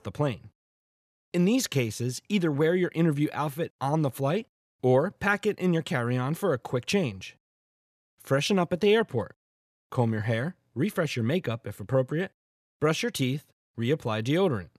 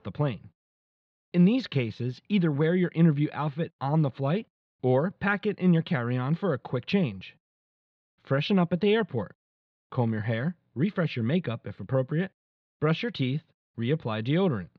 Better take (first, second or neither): first